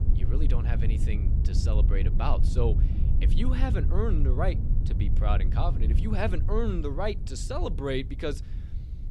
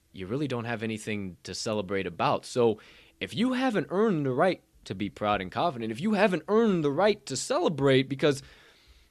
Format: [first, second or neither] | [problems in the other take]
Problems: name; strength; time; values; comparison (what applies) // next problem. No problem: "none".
second | low rumble; loud; throughout; 9 dB below the speech